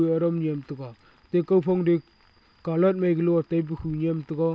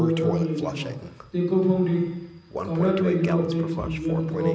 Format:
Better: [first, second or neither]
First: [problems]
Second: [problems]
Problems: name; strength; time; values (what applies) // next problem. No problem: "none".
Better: first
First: none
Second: background sound (Toilet flush); 8 dB below the speech // room echo; dies away in 1.1 s